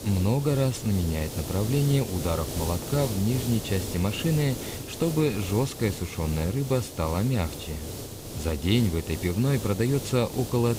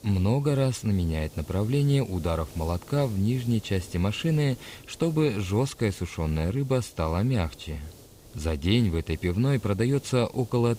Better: second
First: hiss; loud; throughout; 8 dB below the speech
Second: hiss; faint; throughout; 20 dB below the speech

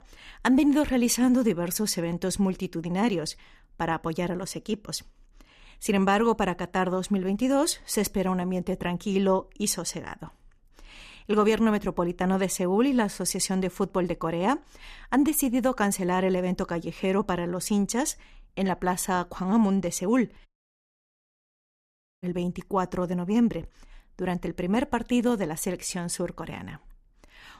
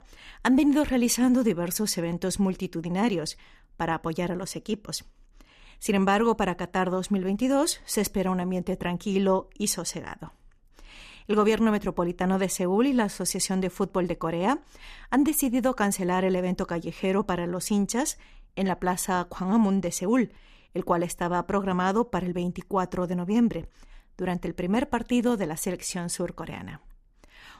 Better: second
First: audio cutting out; at 20 s for 2 s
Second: none

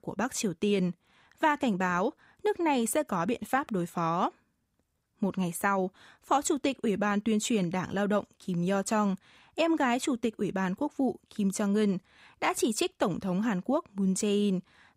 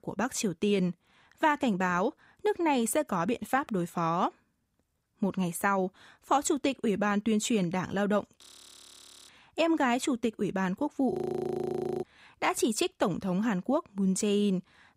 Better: first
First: none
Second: audio freezing; at 8.5 s for 1 s and at 11 s for 1 s

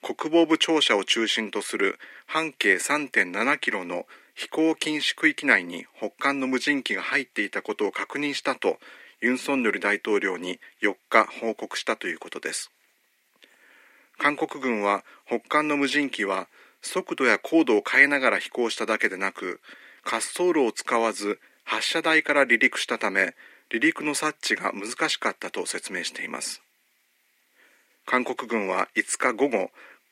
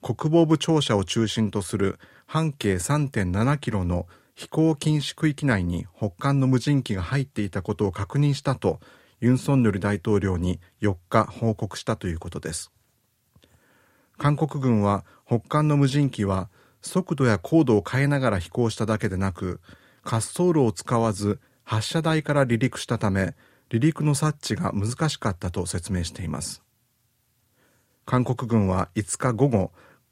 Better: second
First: thin; somewhat; fading below 250 Hz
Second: none

